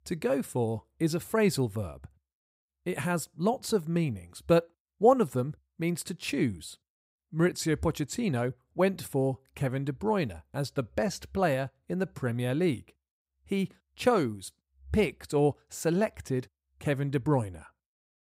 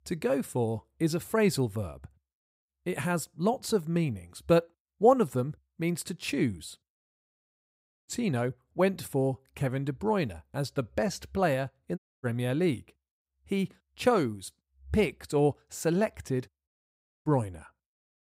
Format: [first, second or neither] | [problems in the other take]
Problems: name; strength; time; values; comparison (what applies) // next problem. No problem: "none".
first | audio cutting out; at 7 s for 1 s, at 12 s and at 17 s for 0.5 s